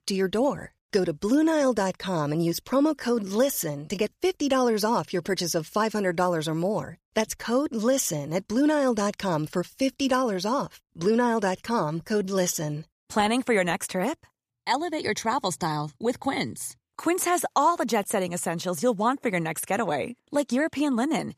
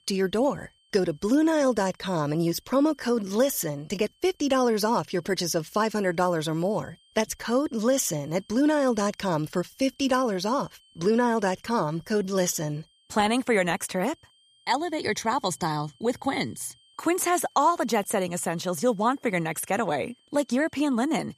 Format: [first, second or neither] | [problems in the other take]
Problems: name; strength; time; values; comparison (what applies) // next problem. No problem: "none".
first | high-pitched whine; faint; throughout; 3 kHz, 35 dB below the speech